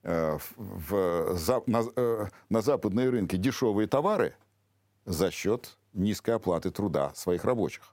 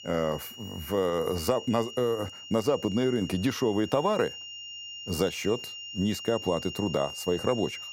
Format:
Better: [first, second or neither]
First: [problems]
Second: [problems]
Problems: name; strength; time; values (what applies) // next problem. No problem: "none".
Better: first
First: none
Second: high-pitched whine; noticeable; throughout; 3 kHz, 10 dB below the speech